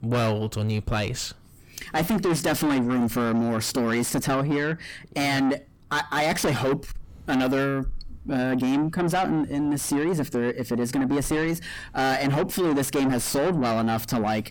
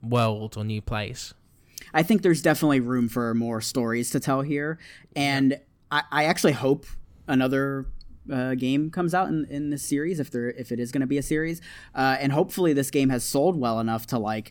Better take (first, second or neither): second